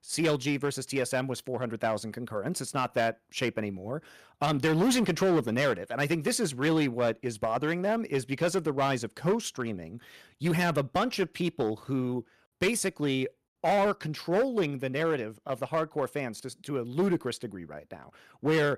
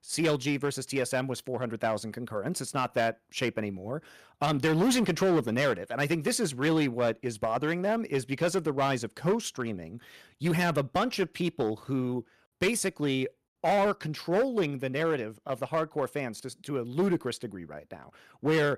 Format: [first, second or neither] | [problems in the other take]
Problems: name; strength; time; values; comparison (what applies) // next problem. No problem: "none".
neither | distortion; slight; 6% of the sound clipped; the same in both